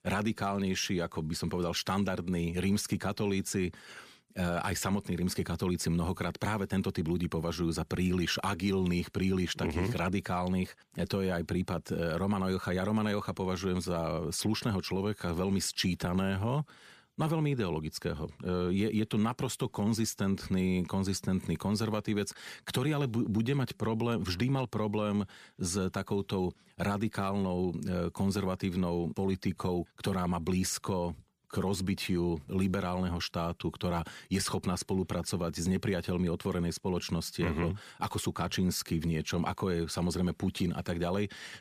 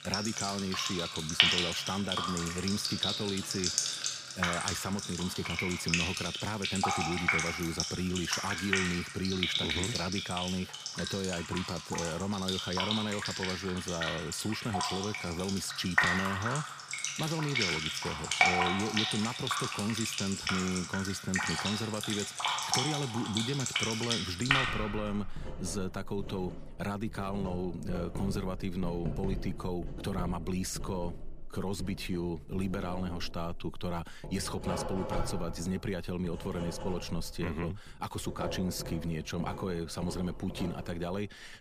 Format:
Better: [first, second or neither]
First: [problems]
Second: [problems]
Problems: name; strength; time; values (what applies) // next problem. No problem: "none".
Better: first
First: none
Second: household noises; very loud; throughout; 3 dB above the speech